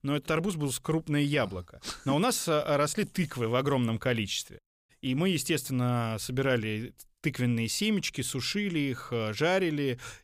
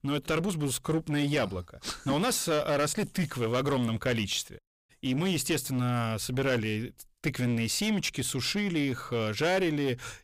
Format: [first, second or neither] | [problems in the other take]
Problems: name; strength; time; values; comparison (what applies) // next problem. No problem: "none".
first | distortion; slight; 10% of the sound clipped